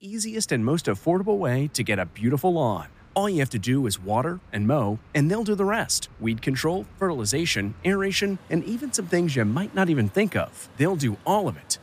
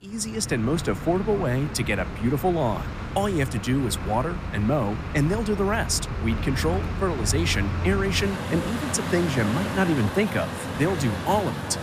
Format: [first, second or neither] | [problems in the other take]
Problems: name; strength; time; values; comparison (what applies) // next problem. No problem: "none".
first | traffic noise; loud; throughout; 5 dB below the speech; faint in the first